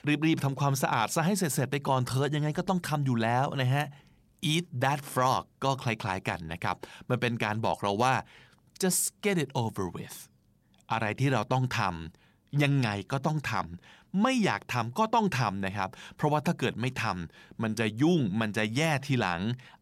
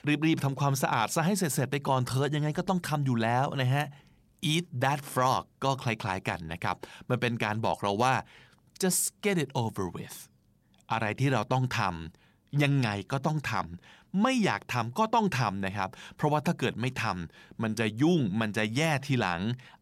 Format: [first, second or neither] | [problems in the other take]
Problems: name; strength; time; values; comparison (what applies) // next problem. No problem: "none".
neither | none